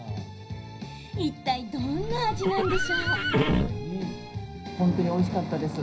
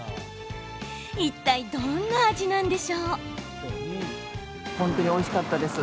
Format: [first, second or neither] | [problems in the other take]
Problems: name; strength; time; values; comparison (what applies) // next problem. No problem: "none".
second | background sound (Livestock, farm animals, working animals); as loud as the speech // room echo; dies away in 0.5 s